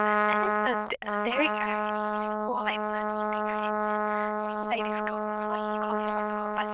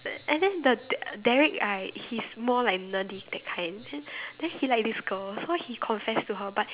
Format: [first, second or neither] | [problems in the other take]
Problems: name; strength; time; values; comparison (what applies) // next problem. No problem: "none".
second | noise reduction (neural diffusion model UNIVERSE++)